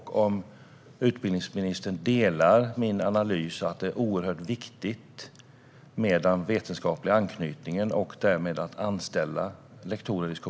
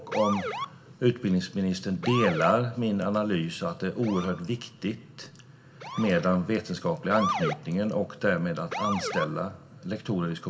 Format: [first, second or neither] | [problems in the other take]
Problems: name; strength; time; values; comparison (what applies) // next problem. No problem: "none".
first | background sound (Motor vehicle (road) / Siren); 9 dB below the speech // room echo; dies away in 0.7 s